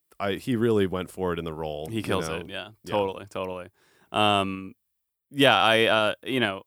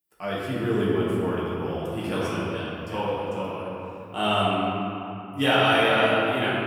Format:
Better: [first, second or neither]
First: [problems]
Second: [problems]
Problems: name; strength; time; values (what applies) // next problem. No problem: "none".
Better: first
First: none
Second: off-mic speech; far // room echo; strong; dies away in 2.8 s